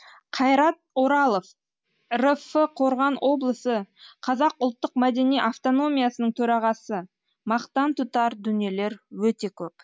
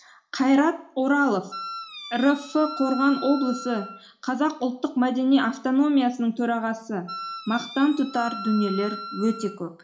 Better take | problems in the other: first | background sound (Wind instrument, woodwind instrument); 12 dB below the speech // room echo; dies away in 0.4 s

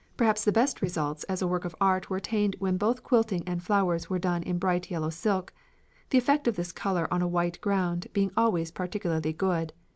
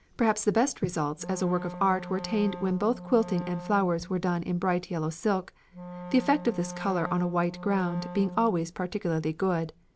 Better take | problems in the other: first | background sound (Wind instrument, woodwind instrument); 12 dB below the speech

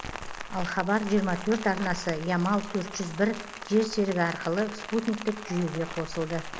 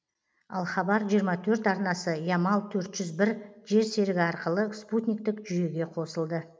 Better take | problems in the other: second | background sound (Rain); 10 dB below the speech

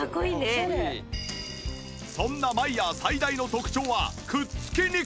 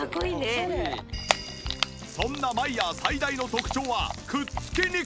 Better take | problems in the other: first | background sound (Typing); 6 dB below the speech

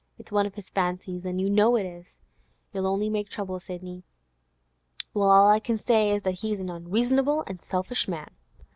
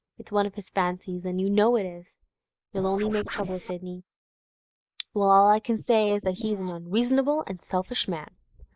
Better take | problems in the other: first | noise reduction (neural mask model Resemble Enhance denoiser)

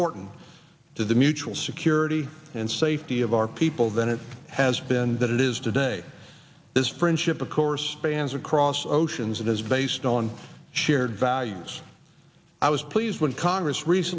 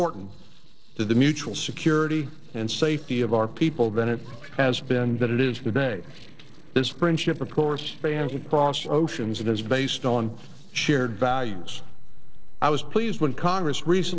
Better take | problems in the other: first | noise reduction (neural separator model SepFormer DNS4)

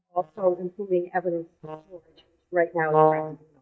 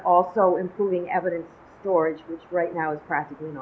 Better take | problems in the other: second | noise reduction (neural mask model DeepFilterNet 3)

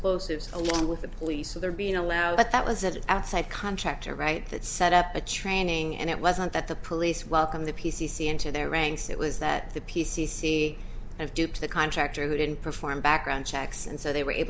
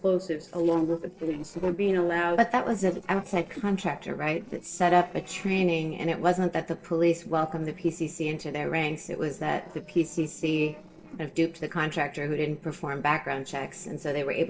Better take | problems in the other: first | noise reduction (neural separator model SepFormer DNS4)

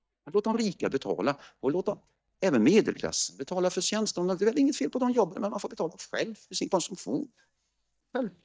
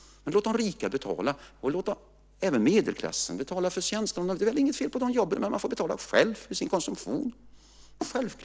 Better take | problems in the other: second | noise reduction (neural mask model DeepFilterNet 3)

